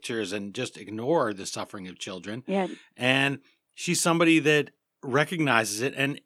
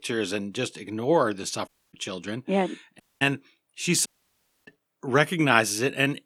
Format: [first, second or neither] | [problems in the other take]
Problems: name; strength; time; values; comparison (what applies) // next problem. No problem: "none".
first | audio cutting out; at 1.5 s, at 3 s and at 4 s for 0.5 s